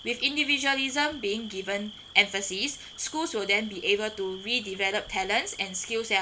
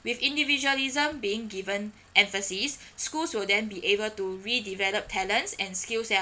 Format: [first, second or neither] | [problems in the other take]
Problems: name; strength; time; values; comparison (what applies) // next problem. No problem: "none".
second | background sound (Cricket); 17 dB below the speech